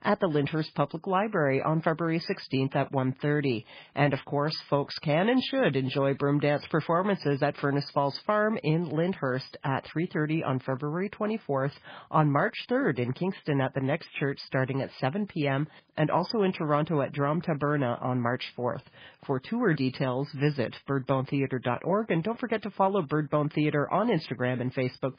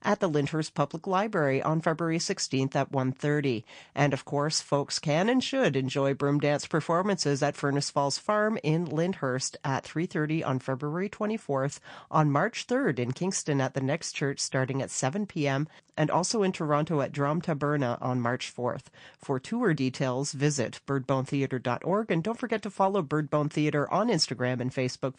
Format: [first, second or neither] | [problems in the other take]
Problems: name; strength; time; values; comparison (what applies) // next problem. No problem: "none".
second | garbled, watery; badly; slightly in the second